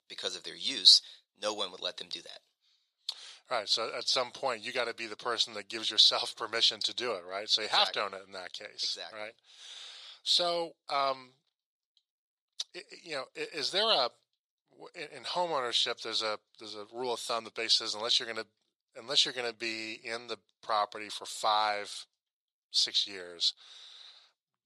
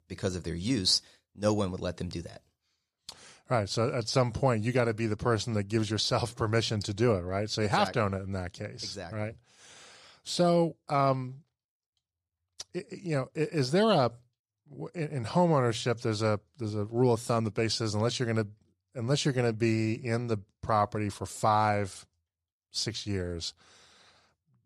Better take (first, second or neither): second